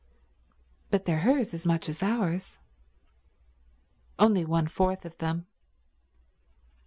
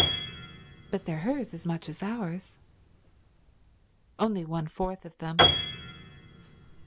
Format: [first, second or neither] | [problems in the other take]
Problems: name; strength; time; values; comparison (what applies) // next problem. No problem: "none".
first | background sound (Piano); 2 dB above the speech